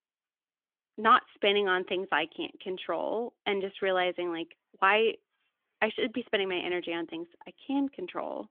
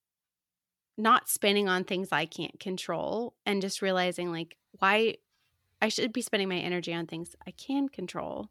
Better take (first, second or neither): second